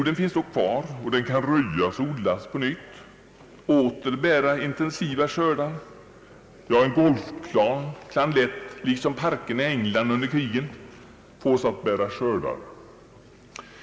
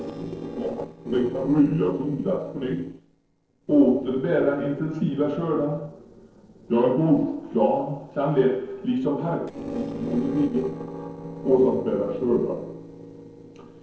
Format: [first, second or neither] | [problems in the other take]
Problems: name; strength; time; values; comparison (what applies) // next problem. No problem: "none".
first | noise reduction (neural separator model SepFormer DNS4)